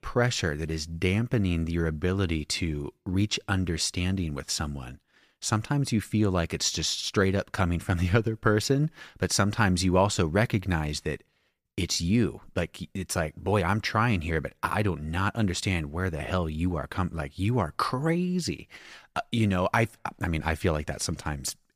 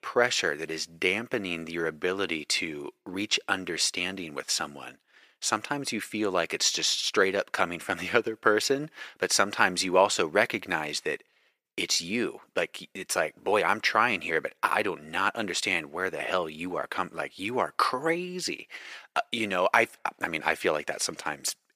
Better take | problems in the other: first | thin; very; fading below 450 Hz

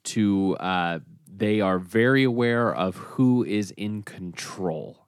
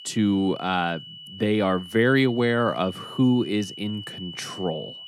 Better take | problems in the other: first | high-pitched whine; noticeable; throughout; 3 kHz, 15 dB below the speech

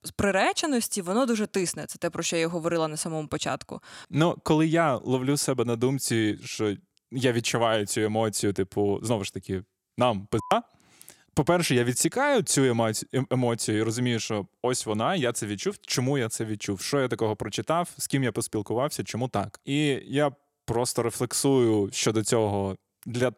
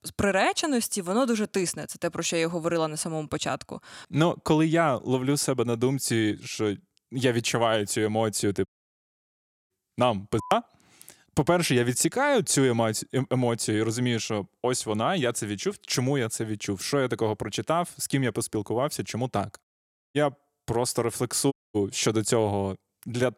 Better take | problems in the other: first | audio cutting out; at 8.5 s for 1 s, at 20 s for 0.5 s and at 22 s

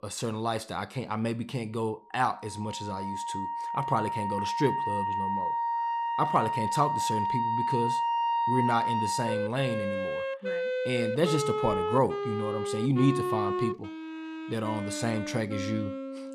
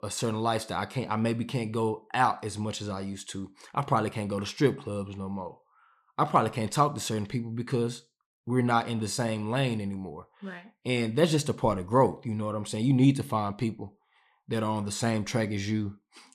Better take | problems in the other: second | background music; very loud; throughout; as loud as the speech

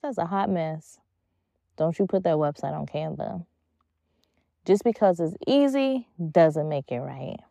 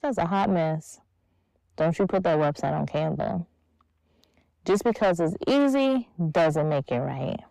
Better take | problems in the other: first | distortion; heavy; 7 dB below the speech

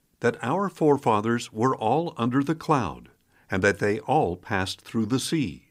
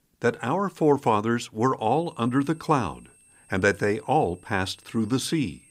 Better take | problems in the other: first | high-pitched whine; faint; from 2 s on; 8.5 kHz, 30 dB below the speech

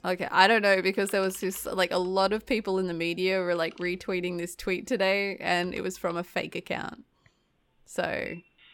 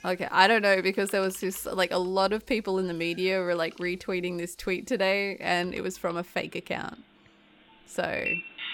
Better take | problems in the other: first | animal sounds; loud; throughout; 5 dB below the speech; faint in the first

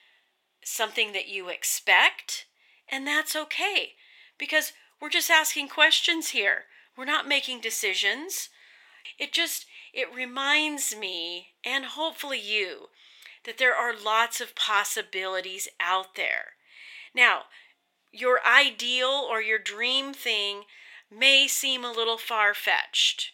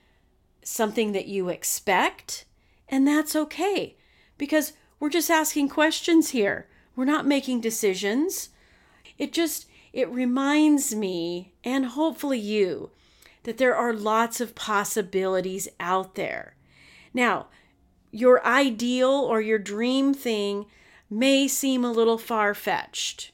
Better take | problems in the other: second | thin; very; fading below 700 Hz

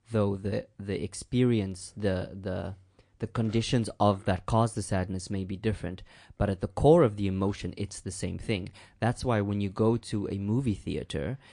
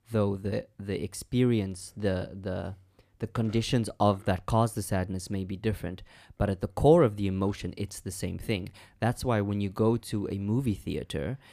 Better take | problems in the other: second | garbled, watery; slightly

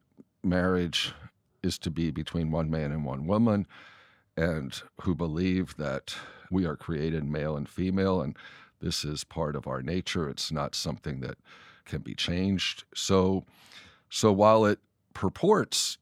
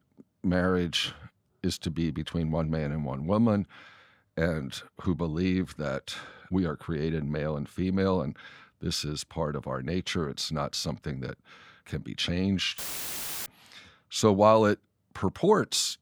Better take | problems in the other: first | audio cutting out; filled with static; at 13 s for 0.5 s

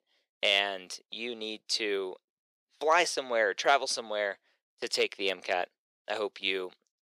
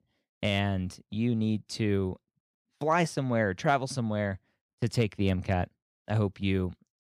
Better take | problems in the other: second | thin; very; fading below 400 Hz

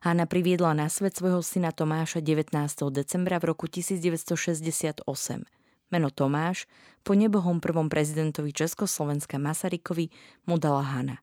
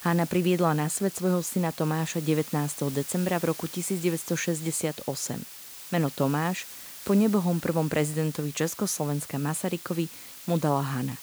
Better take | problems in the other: first | hiss; noticeable; throughout; 10 dB below the speech

